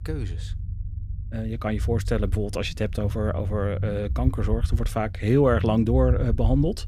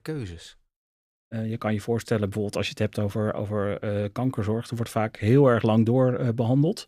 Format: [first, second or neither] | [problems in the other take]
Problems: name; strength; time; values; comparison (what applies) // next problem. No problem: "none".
second | low rumble; noticeable; throughout; 20 dB below the speech